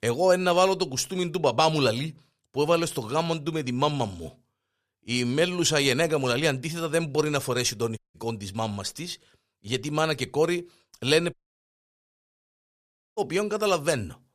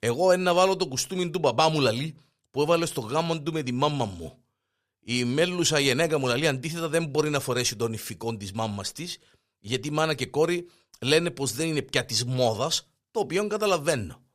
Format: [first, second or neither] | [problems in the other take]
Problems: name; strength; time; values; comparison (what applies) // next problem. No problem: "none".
second | audio cutting out; at 8 s and at 11 s for 2 s